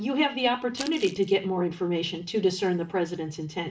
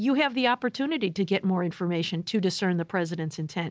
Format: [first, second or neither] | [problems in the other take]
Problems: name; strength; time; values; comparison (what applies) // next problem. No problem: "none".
second | background sound (Crumpling, crinkling); 14 dB below the speech // room echo; dies away in 0.4 s